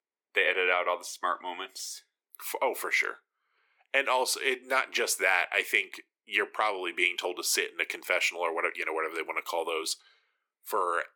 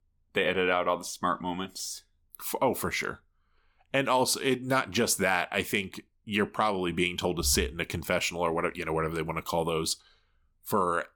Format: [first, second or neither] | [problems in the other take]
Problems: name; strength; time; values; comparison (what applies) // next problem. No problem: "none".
second | thin; very; fading below 350 Hz